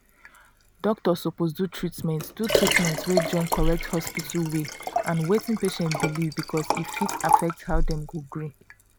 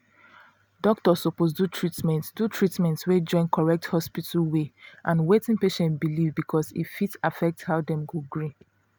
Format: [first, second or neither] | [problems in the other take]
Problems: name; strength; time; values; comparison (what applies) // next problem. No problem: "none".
second | background sound (Liquid); 1 dB below the speech